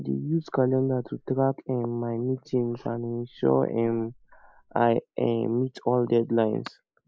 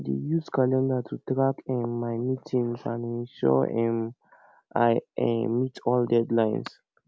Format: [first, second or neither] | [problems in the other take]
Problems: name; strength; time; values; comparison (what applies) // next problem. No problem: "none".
second | noise reduction (neural mask model Resemble Enhance denoiser)